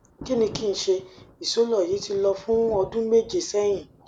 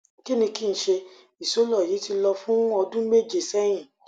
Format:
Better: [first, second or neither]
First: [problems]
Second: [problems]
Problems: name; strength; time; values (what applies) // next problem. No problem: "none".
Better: second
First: background sound (Thunder); 19 dB below the speech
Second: none